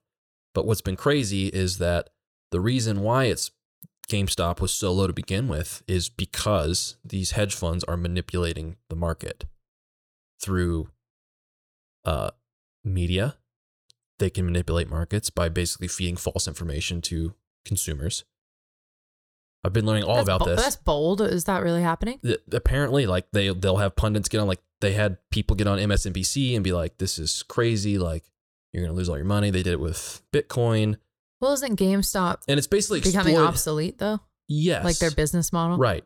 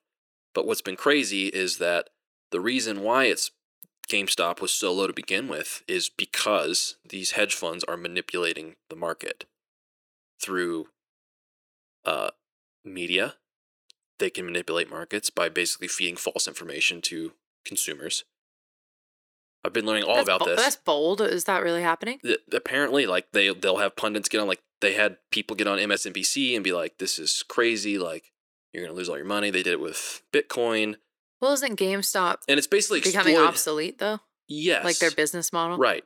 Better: first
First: none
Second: thin; somewhat; fading below 300 Hz

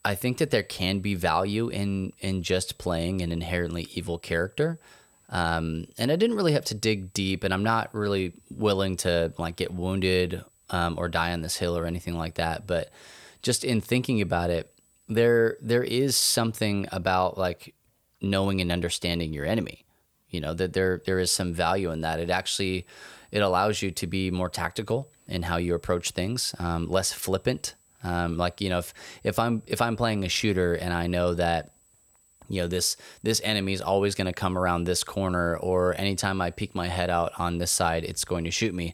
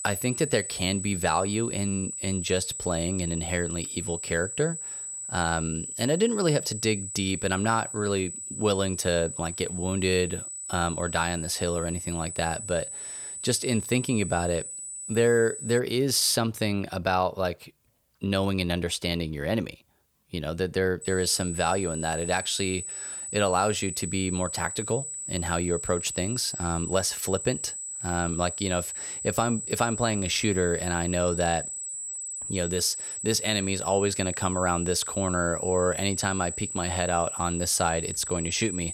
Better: first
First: high-pitched whine; faint; until 16 s and from 21 s on; 8 kHz, 35 dB below the speech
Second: high-pitched whine; loud; until 16 s and from 21 s on; 8 kHz, 6 dB below the speech

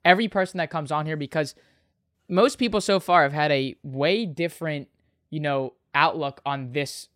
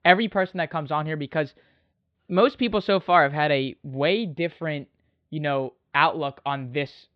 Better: first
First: none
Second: muffled; slightly; fading above 3.5 kHz

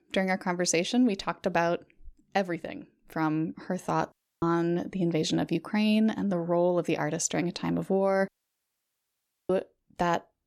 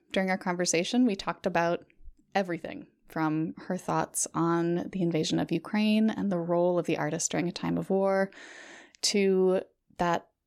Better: second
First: audio cutting out; at 4 s and at 8.5 s for 1 s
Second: none

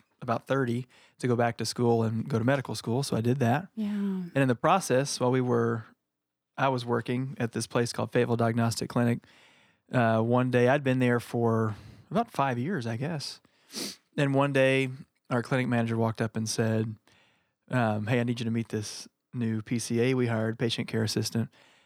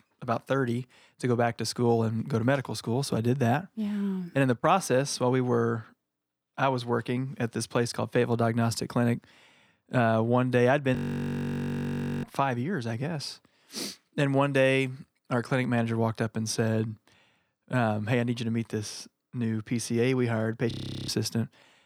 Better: first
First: none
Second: audio freezing; at 11 s for 1.5 s and at 21 s

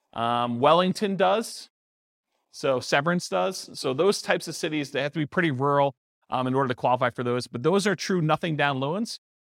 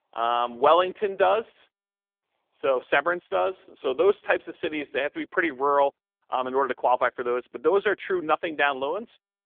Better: first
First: none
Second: phone-call audio; nothing above 3.5 kHz

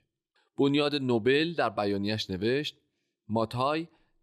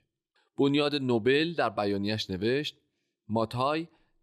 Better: neither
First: none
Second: none

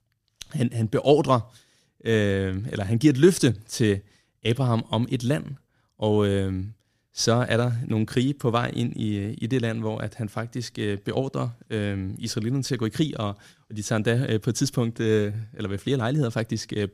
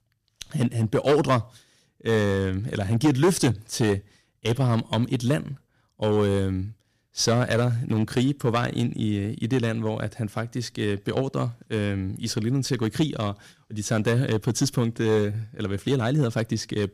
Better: first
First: none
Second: distortion; slight; 3% of the sound clipped

